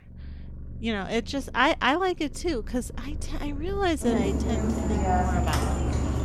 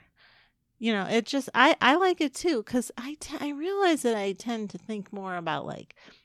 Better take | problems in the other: second | animal sounds; loud; throughout; as loud as the speech

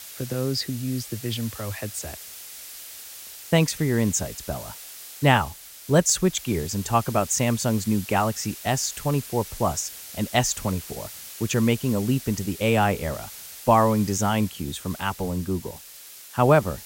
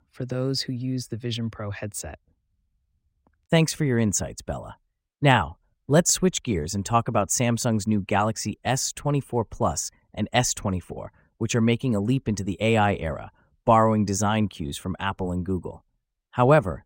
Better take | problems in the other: second | hiss; noticeable; throughout; 15 dB below the speech

